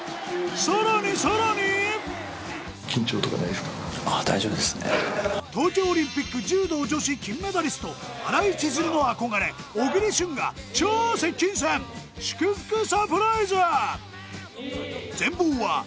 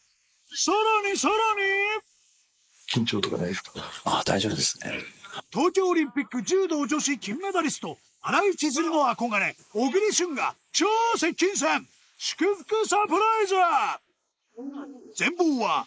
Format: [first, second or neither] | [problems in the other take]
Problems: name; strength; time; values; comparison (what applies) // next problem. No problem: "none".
first | noise reduction (neural mask model Resemble Enhance denoiser)